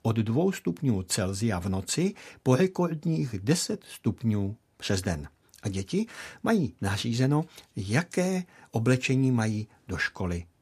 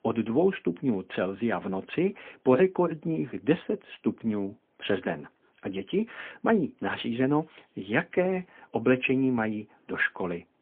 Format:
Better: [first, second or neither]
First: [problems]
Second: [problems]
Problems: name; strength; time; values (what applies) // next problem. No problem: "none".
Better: first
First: none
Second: phone-call audio; poor line